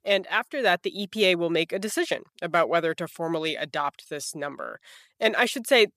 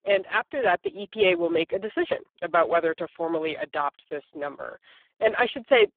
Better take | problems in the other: first | phone-call audio; poor line

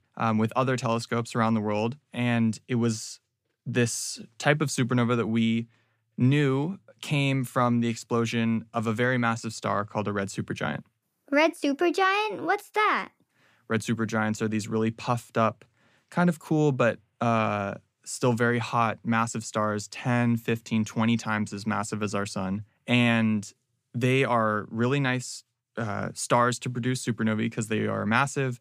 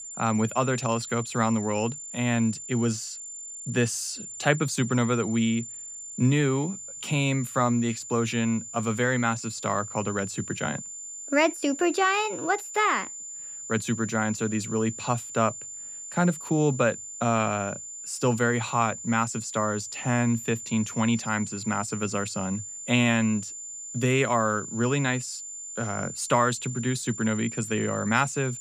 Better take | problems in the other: first | high-pitched whine; loud; throughout; 7 kHz, 10 dB below the speech

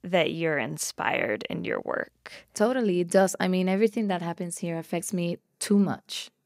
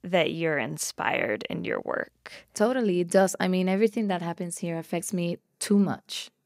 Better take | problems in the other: neither | none

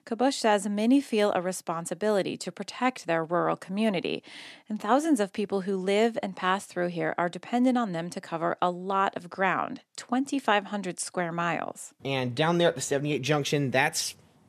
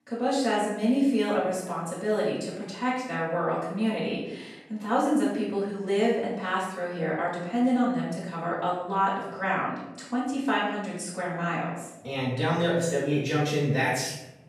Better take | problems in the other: first | off-mic speech; far // room echo; noticeable; dies away in 0.8 s

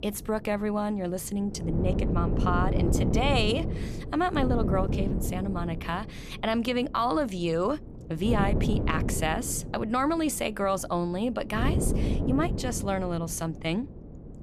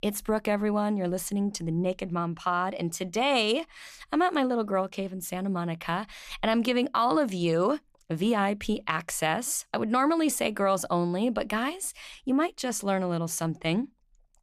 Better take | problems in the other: second | wind noise on the microphone; heavy; 7 dB below the speech

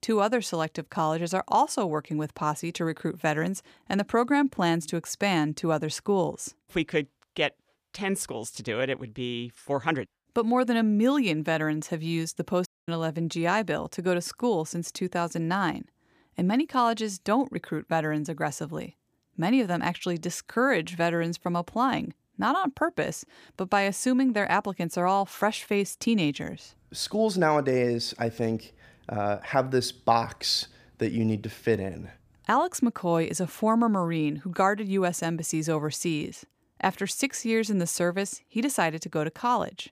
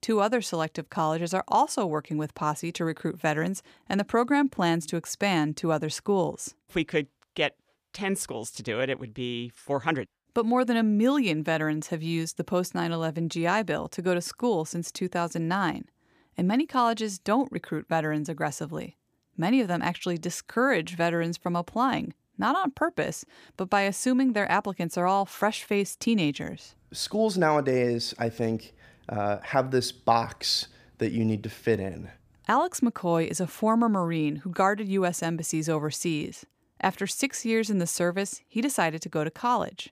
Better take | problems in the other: second | audio cutting out; at 13 s

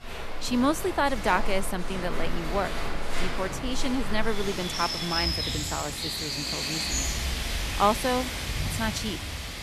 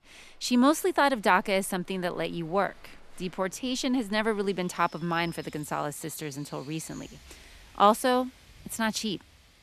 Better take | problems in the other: second | animal sounds; loud; throughout; 1 dB below the speech; faint in the second

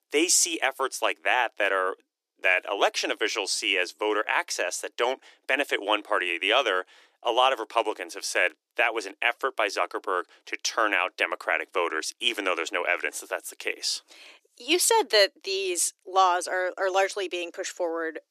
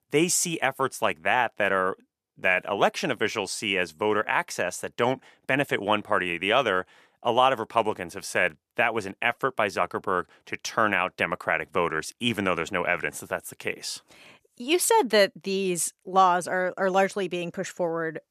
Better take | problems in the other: second | thin; somewhat; fading below 300 Hz

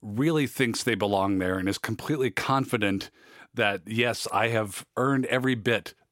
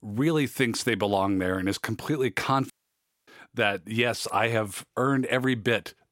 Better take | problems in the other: first | audio cutting out; at 2.5 s for 0.5 s

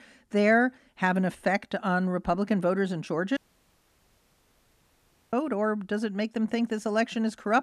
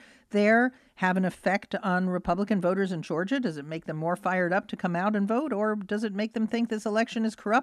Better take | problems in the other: second | audio cutting out; at 3.5 s for 2 s

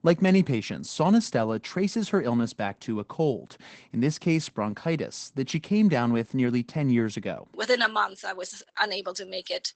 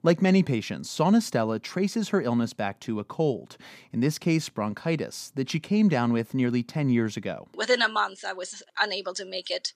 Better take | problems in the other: second | garbled, watery; badly; nothing above 8 kHz

